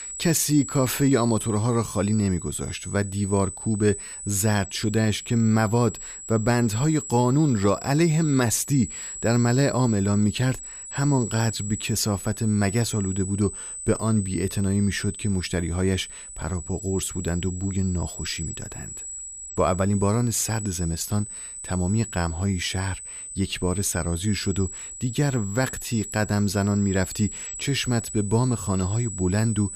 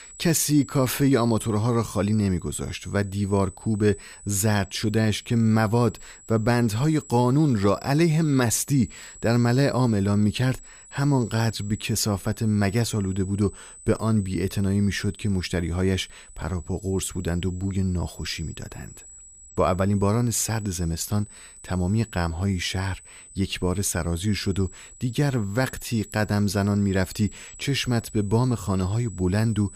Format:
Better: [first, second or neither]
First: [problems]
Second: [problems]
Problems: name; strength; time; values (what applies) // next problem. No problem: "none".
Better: second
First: high-pitched whine; loud; throughout; 8 kHz, 10 dB below the speech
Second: high-pitched whine; faint; throughout; 8 kHz, 20 dB below the speech